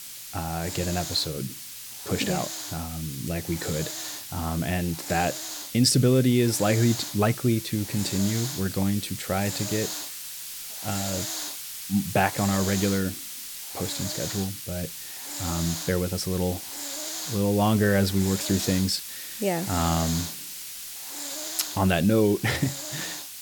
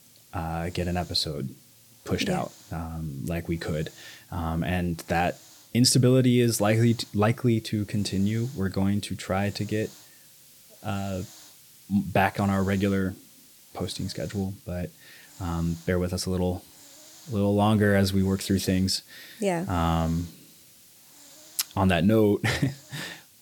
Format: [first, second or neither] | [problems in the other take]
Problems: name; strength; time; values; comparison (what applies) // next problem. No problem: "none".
second | hiss; loud; throughout; 6 dB below the speech; faint in the second